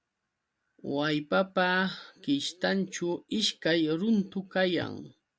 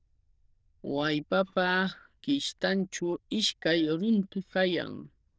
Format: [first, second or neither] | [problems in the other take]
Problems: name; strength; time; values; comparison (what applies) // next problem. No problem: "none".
first | noise reduction (neural diffusion model UNIVERSE++)